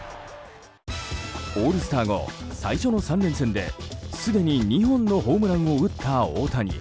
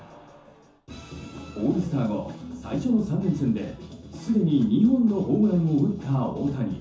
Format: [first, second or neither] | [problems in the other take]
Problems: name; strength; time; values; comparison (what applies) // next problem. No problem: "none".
first | room echo; dies away in 0.9 s